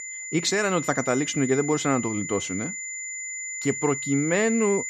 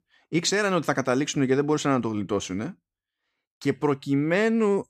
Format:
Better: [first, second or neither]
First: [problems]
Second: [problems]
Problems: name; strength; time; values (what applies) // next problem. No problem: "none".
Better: second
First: high-pitched whine; loud; throughout; 7 kHz, 6 dB below the speech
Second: none